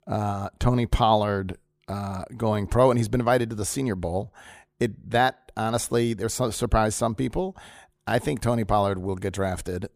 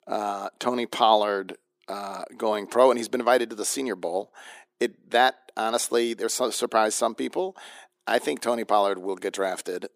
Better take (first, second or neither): first